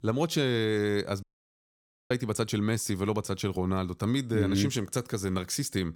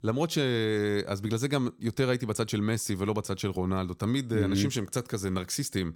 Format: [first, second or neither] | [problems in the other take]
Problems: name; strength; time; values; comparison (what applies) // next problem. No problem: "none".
second | audio cutting out; at 1 s for 1 s